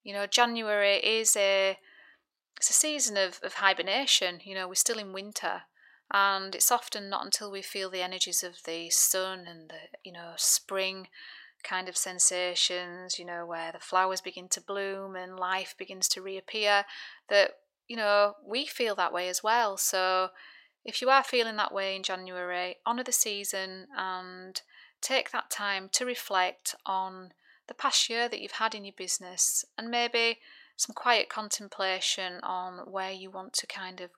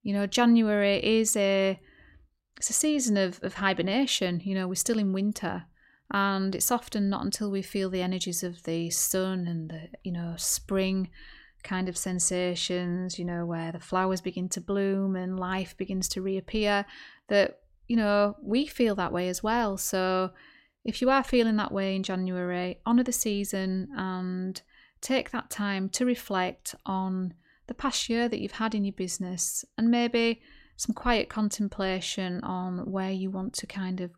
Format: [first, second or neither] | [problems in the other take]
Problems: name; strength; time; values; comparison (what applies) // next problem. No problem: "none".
second | thin; very; fading below 700 Hz